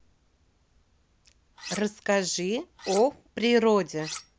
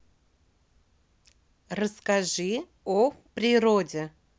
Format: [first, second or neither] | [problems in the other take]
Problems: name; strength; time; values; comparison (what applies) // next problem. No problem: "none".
second | background sound (Cutlery, silverware); 12 dB below the speech